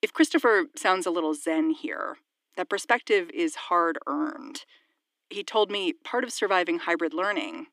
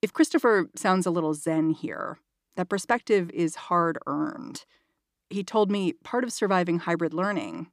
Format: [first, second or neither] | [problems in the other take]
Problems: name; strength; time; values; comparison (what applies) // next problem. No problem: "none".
second | thin; somewhat; fading below 300 Hz